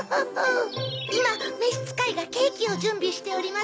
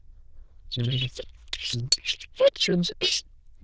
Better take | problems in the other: first | noise reduction (neural diffusion model UNIVERSE++)

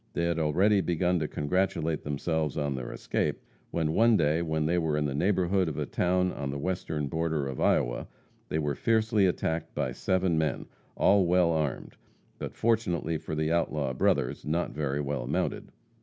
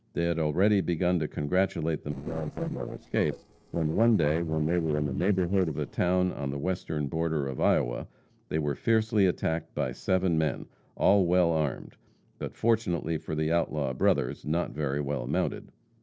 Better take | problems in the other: first | noise reduction (neural separator model SepFormer DNS4)

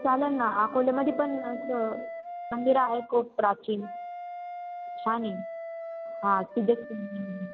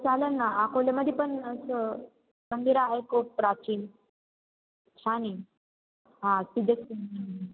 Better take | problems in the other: second | background sound (Wind instrument, woodwind instrument); 11 dB below the speech

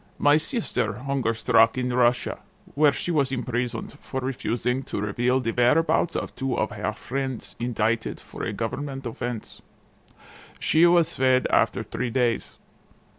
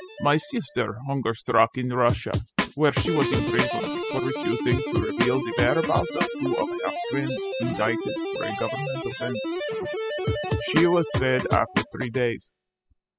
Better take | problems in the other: first | noise reduction (classical method spectral subtraction)

